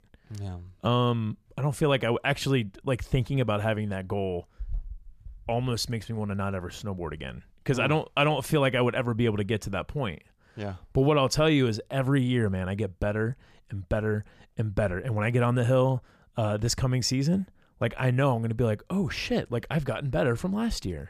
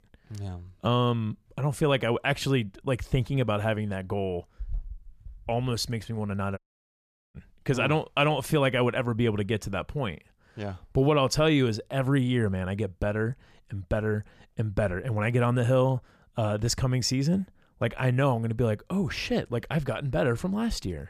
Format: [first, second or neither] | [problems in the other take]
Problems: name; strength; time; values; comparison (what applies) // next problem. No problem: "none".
first | audio cutting out; at 6.5 s for 1 s